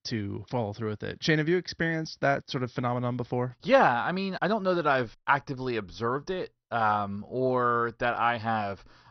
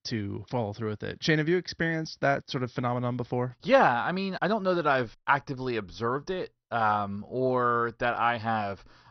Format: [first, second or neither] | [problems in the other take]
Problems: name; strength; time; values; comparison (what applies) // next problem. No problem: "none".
neither | garbled, watery; slightly; nothing above 6 kHz; the same in both